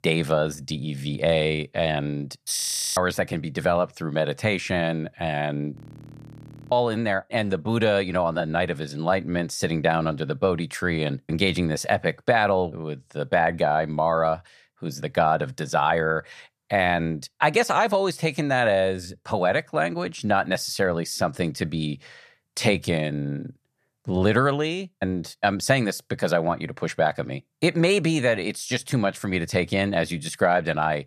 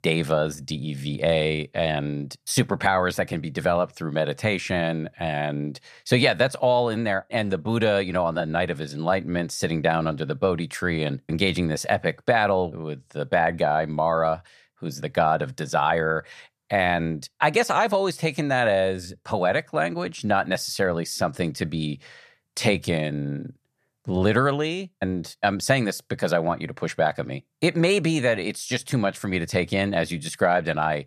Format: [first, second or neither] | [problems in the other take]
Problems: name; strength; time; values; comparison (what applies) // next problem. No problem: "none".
second | audio freezing; at 2.5 s and at 6 s for 1 s